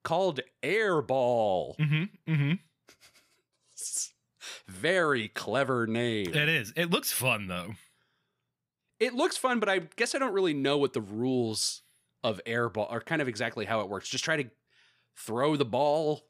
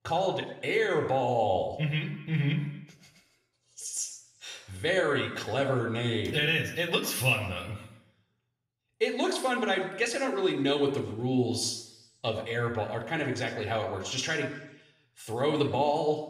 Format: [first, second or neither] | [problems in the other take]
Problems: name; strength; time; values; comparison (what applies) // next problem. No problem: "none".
first | room echo; slight; dies away in 0.8 s // off-mic speech; somewhat distant